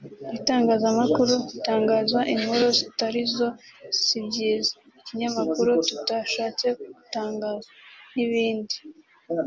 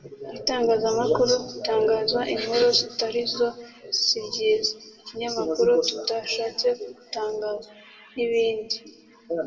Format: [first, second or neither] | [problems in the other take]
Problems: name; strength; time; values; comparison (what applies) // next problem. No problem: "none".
first | room echo; dies away in 1.3 s